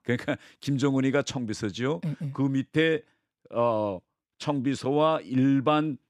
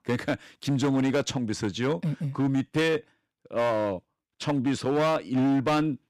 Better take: first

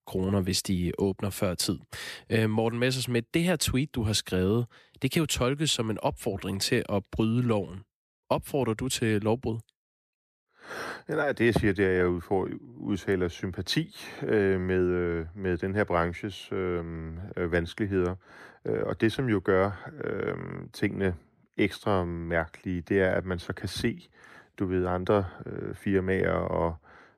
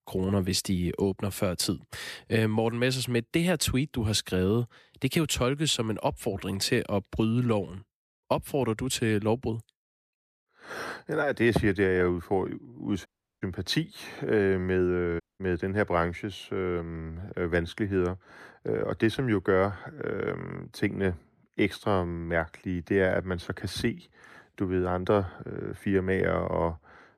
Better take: first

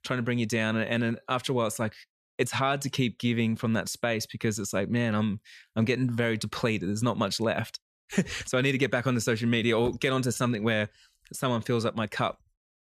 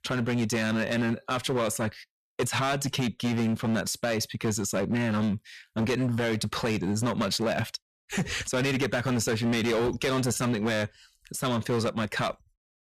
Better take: first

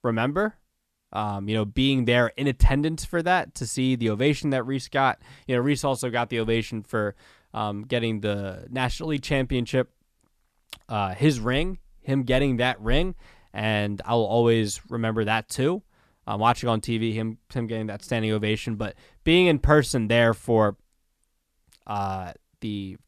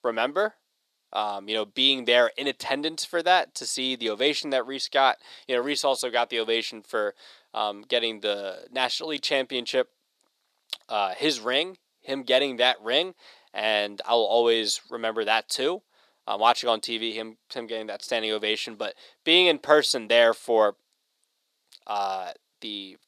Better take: first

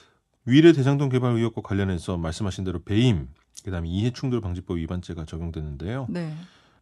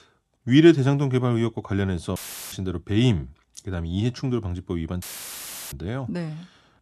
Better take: first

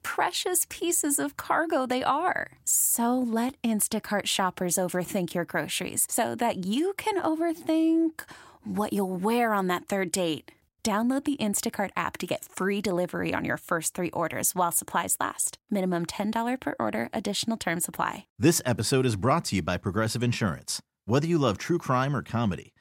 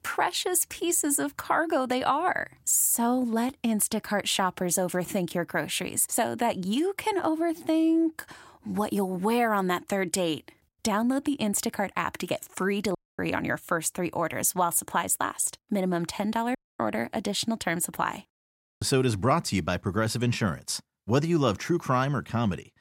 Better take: first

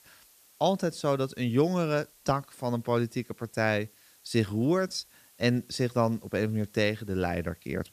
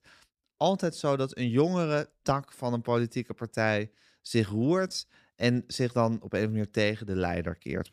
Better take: second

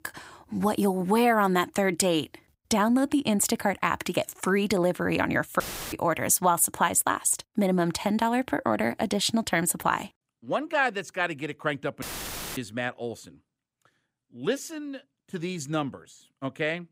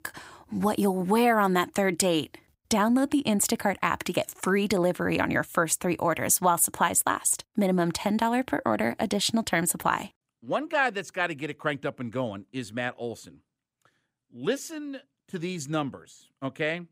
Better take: second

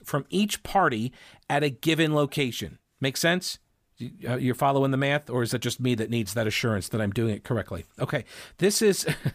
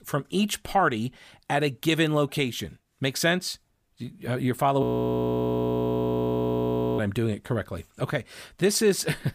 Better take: first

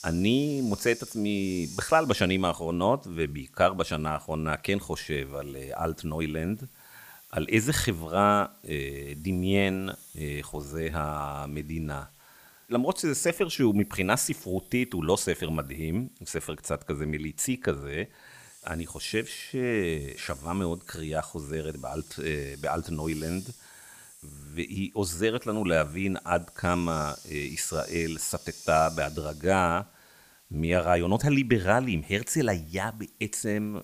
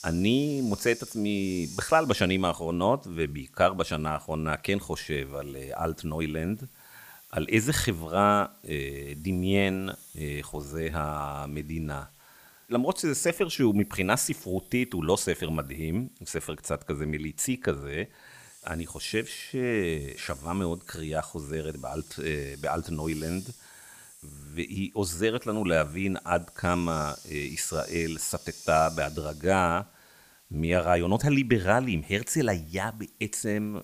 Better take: neither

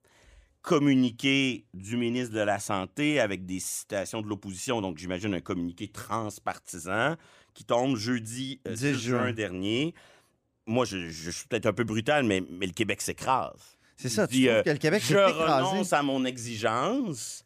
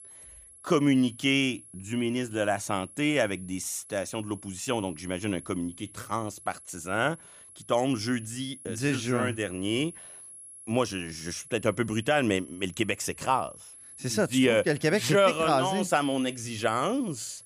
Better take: first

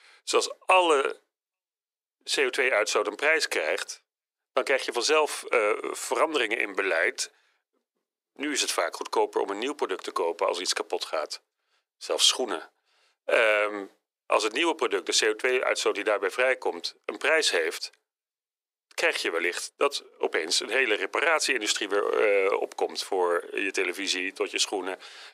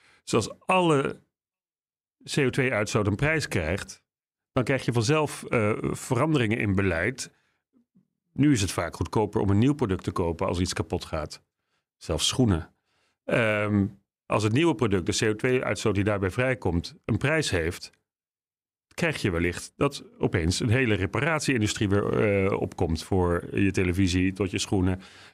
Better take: second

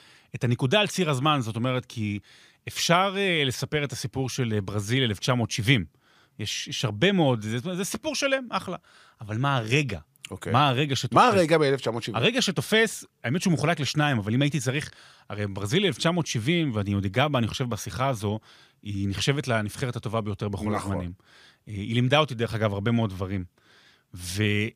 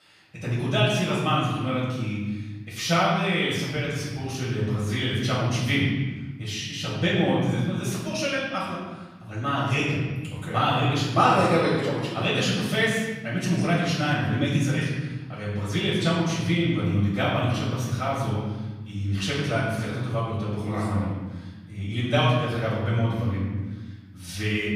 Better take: first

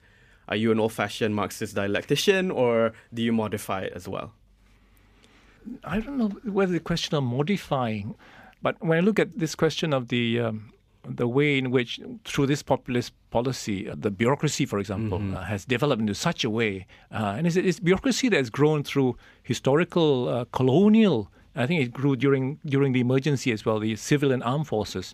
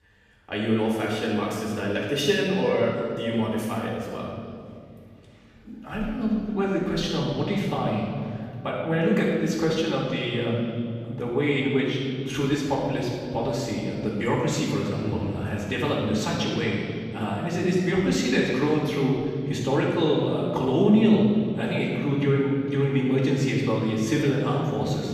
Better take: first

